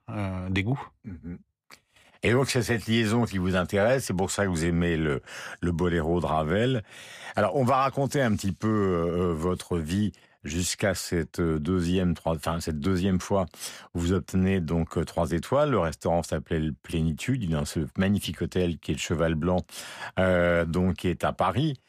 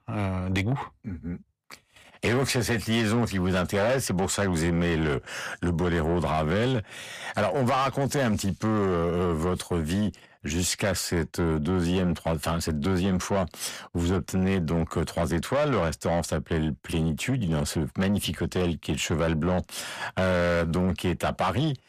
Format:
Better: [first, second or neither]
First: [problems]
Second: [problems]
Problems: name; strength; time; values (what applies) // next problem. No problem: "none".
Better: first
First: none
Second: distortion; slight; 10 dB below the speech